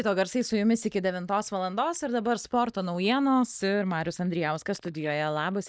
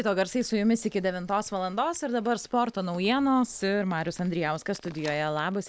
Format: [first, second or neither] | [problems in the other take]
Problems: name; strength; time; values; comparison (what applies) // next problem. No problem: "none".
second | noise reduction (neural mask model DeepFilterNet 3)